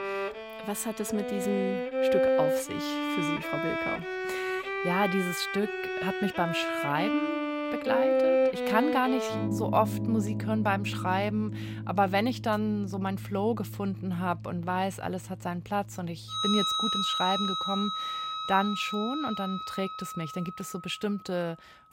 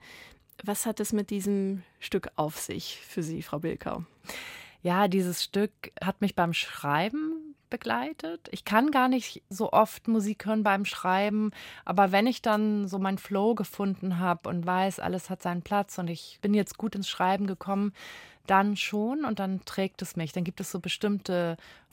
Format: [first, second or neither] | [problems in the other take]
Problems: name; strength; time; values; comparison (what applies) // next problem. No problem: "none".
second | background music; very loud; throughout; 1 dB above the speech